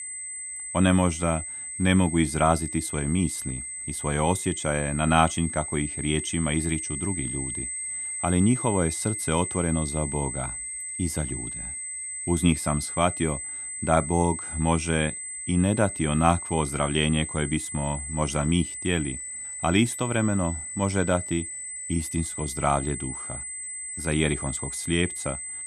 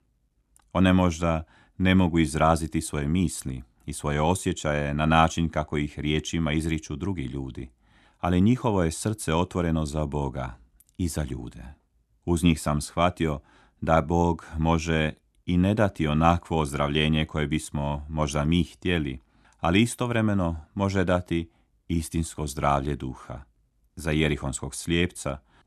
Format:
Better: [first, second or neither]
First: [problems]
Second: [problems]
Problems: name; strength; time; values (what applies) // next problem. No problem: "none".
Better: second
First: high-pitched whine; loud; throughout; 8 kHz, 6 dB below the speech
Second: none